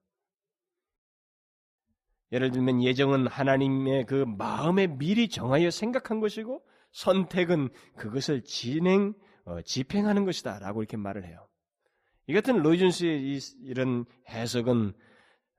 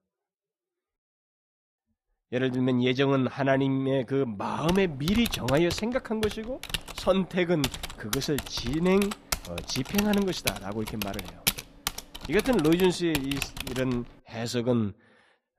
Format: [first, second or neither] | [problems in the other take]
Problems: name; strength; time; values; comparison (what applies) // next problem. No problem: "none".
first | keyboard typing; noticeable; from 4.5 to 14 s; peak level with the speech